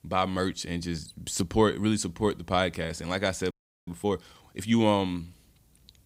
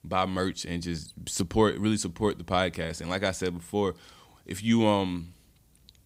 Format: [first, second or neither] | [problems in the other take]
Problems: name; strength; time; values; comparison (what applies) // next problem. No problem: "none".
second | audio freezing; at 3.5 s